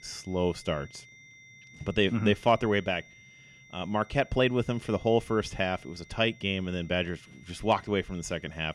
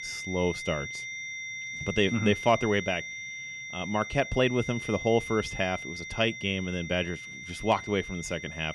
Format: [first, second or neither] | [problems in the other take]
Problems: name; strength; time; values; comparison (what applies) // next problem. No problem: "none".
first | high-pitched whine; loud; throughout; 2 kHz, 8 dB below the speech; faint in the first